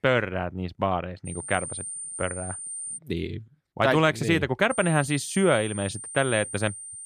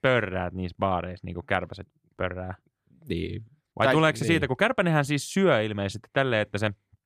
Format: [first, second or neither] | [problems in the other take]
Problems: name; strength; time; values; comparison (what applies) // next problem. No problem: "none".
second | high-pitched whine; loud; from 1.5 to 3 s and from 4.5 s on; 9 kHz, 9 dB below the speech